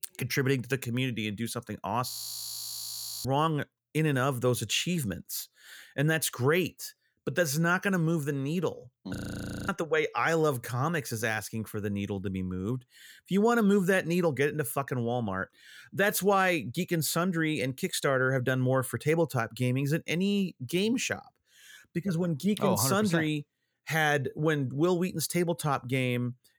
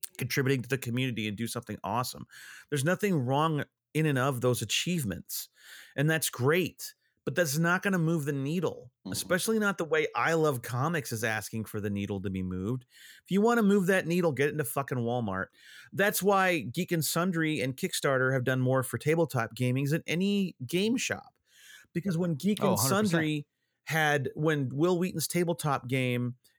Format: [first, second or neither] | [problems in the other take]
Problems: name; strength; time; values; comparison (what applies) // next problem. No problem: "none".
second | audio freezing; at 2 s for 1 s and at 9 s for 0.5 s